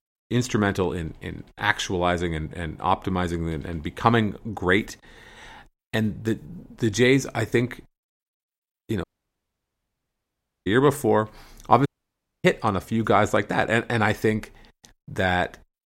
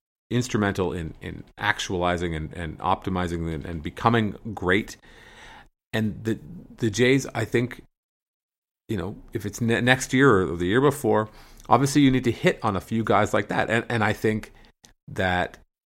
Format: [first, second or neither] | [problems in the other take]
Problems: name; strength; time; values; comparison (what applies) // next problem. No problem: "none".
second | audio cutting out; at 9 s for 1.5 s and at 12 s for 0.5 s